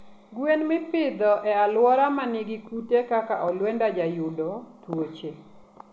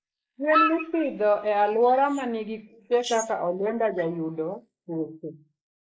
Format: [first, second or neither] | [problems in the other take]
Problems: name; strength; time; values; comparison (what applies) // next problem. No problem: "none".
first | noise reduction (neural mask model Resemble Enhance denoiser)